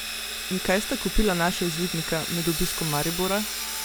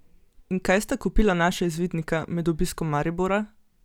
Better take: second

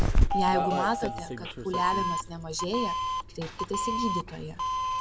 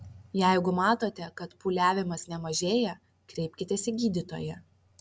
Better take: second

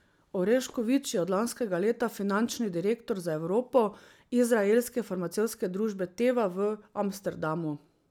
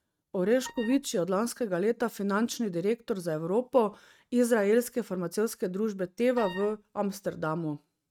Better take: first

